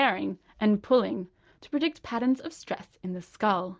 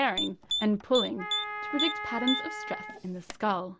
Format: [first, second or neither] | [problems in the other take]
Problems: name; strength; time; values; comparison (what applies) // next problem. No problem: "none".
first | background sound (Typing + Wind instrument, woodwind instrument); 3 dB below the speech